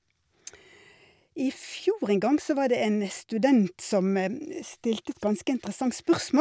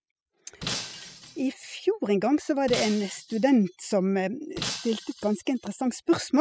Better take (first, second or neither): first